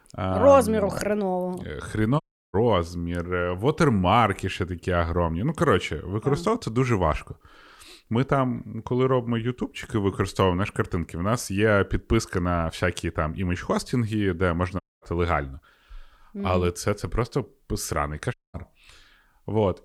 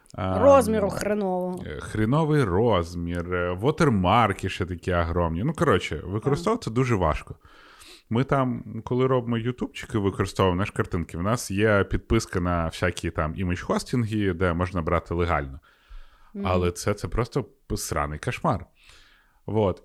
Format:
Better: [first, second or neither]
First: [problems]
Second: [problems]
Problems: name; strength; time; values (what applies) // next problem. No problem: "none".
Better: second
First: audio cutting out; at 2 s, at 15 s and at 18 s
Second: none